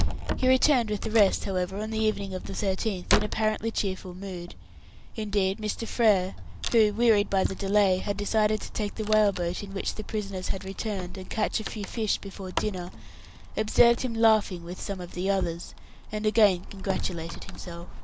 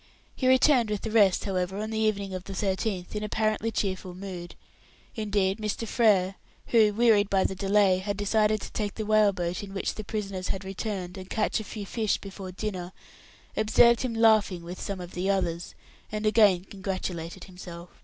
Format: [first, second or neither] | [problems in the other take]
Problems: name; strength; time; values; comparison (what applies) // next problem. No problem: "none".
second | background sound (Wood); 7 dB below the speech